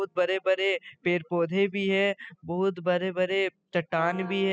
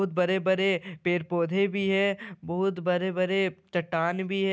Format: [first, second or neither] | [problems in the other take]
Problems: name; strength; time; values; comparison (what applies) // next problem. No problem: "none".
second | noise reduction (classical method spectral subtraction)